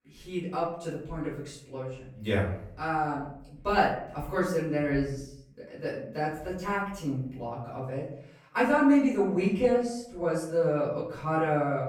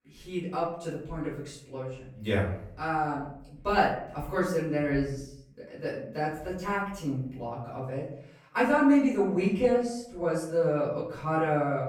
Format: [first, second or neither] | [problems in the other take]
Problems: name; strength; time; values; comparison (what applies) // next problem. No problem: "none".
neither | off-mic speech; far; the same in both // room echo; noticeable; dies away in 0.6 s; the same in both